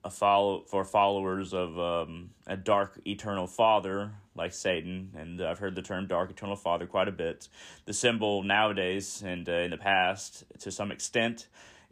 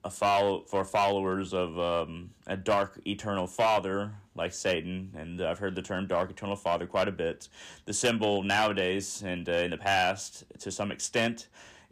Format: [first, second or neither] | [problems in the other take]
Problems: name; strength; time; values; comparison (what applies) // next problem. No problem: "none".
first | distortion; slight; 3% of the sound clipped